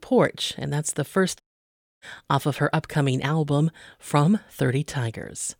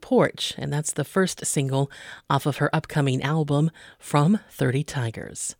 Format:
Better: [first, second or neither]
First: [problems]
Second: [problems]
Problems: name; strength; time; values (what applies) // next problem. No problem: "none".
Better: second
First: audio cutting out; at 1.5 s for 0.5 s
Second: none